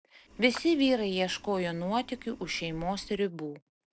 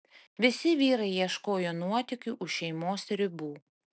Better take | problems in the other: second | background sound (Clapping + Boiling); 19 dB below the speech

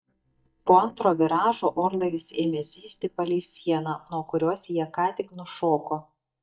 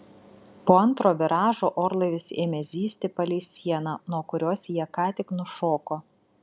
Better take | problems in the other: second | noise reduction (neural mask model DeepFilterNet 3)

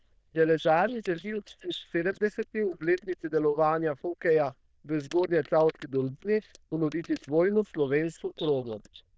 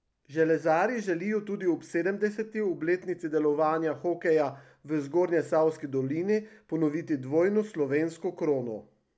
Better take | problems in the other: second | noise reduction (neural diffusion model UNIVERSE++)

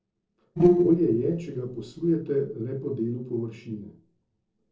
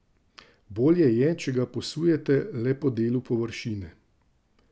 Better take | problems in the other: second | noise reduction (neural separator model SepFormer DNS4)

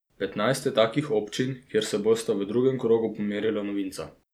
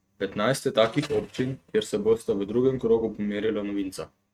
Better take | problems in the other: first | noise reduction (neural mask model RNNoise)

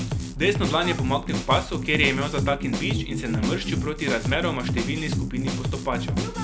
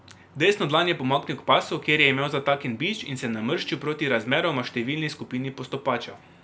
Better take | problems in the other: second | background sound (Drum kit); as loud as the speech

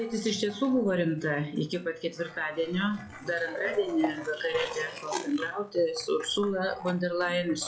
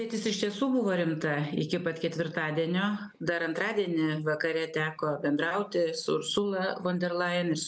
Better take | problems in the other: second | noise reduction (classical method log-MMSE)

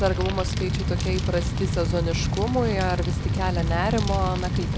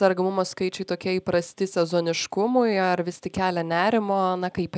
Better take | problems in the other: second | background sound (Fire); 2 dB above the speech

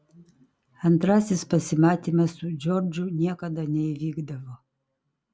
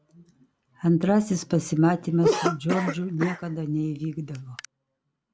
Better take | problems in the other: first | background sound (Cough); 5 dB below the speech

